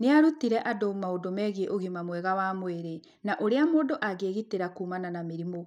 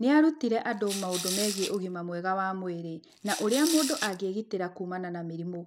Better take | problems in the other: first | background sound (Rattle / Rattle (instrument)); 6 dB below the speech

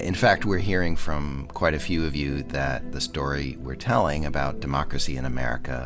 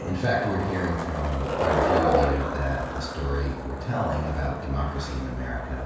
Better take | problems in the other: first | background sound (Skateboard); 2 dB below the speech // room echo; dies away in 1.2 s

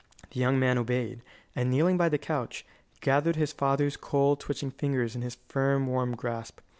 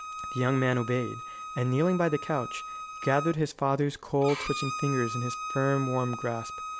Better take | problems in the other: first | background sound (Bowed string instrument); 9 dB below the speech

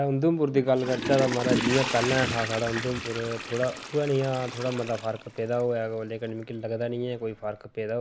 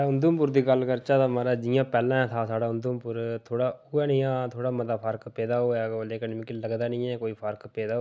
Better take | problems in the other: second | background sound (Toilet flush / Water); 7 dB below the speech

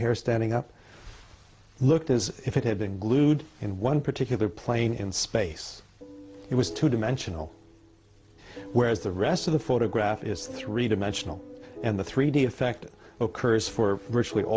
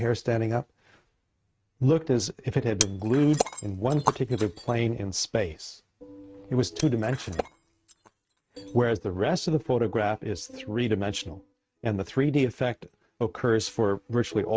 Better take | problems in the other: first | noise reduction (neural mask model RNNoise)

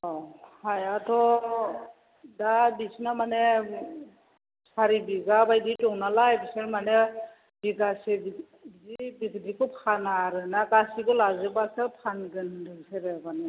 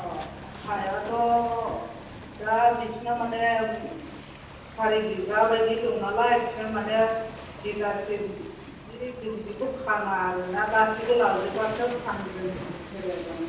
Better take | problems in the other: first | background sound (Waves, surf); 15 dB below the speech // room echo; dies away in 0.9 s

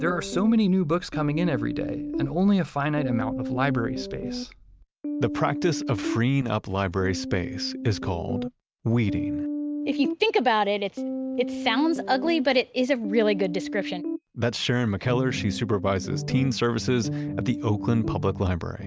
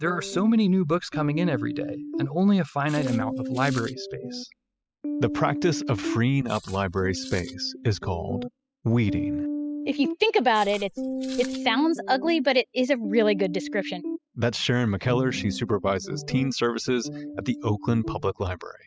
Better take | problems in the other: first | noise reduction (classical method spectral subtraction)

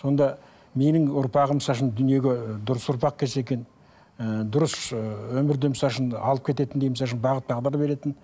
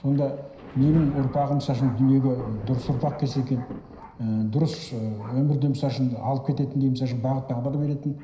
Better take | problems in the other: first | background sound (Thunder); 17 dB below the speech // room echo; dies away in 0.9 s

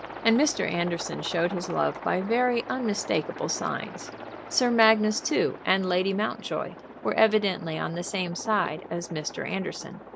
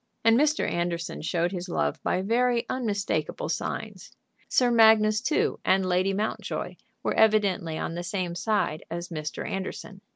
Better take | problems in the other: second | background sound (Aircraft); 14 dB below the speech

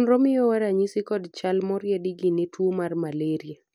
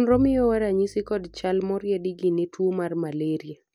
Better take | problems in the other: first | background sound (Bowed string instrument); 19 dB below the speech

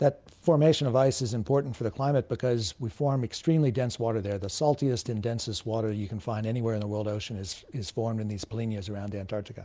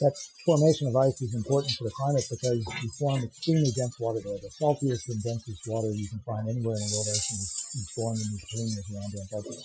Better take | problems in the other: first | noise reduction (classical method Wiener filter)

